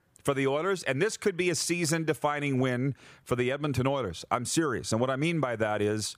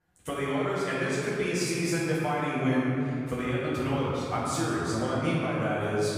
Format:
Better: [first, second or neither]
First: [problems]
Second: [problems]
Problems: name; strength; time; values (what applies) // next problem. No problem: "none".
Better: first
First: none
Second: off-mic speech; far // room echo; strong; dies away in 2.4 s